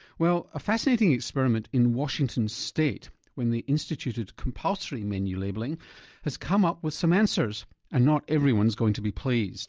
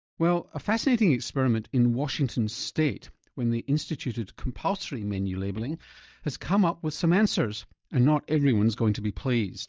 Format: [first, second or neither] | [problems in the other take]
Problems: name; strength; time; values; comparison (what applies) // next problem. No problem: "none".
first | noise reduction (neural mask model DeepFilterNet 3)